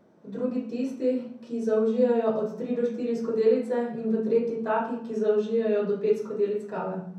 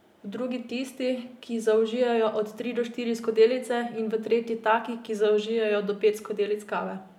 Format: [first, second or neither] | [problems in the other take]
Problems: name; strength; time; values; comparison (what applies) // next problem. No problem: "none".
second | room echo; dies away in 0.6 s